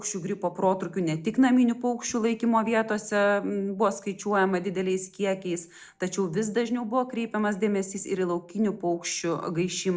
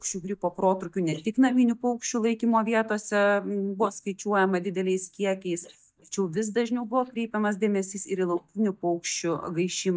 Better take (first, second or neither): first